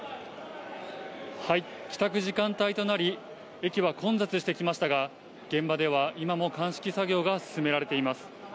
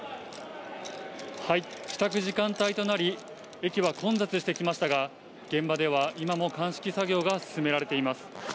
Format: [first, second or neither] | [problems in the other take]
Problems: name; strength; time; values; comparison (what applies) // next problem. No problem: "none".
first | background sound (Zipper (clothing)); 18 dB below the speech